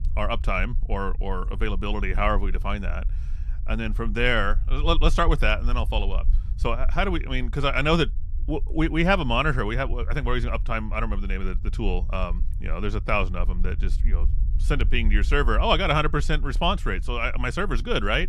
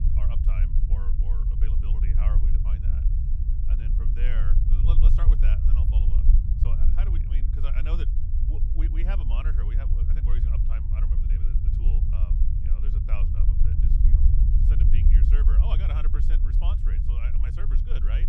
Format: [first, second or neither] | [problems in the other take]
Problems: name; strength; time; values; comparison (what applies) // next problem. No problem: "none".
first | low rumble; loud; throughout; as loud as the speech; faint in the first